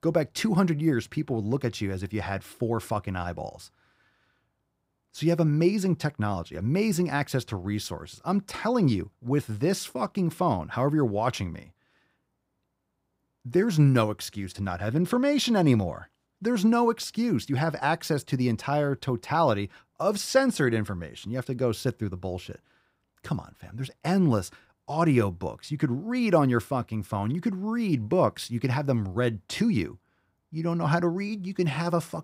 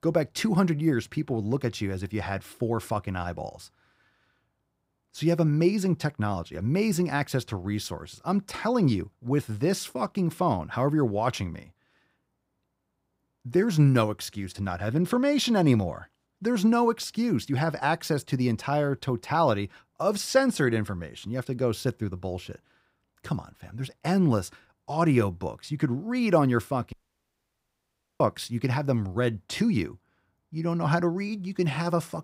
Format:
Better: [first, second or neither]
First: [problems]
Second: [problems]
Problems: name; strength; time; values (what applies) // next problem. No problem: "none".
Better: first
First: none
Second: audio cutting out; at 27 s for 1.5 s